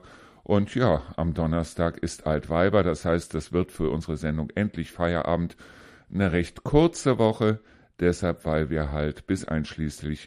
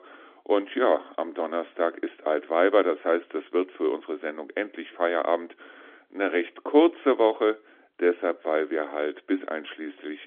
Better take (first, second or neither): first